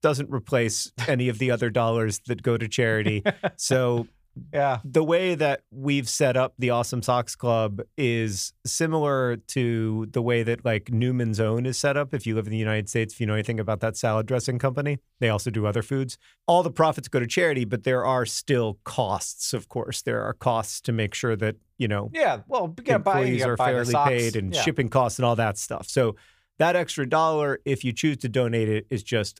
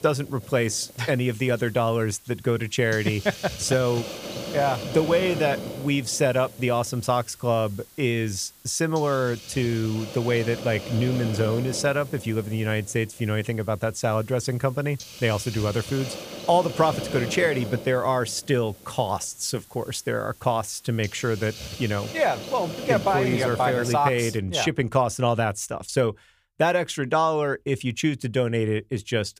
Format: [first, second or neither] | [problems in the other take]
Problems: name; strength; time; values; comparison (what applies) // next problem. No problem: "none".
first | hiss; noticeable; until 24 s; 10 dB below the speech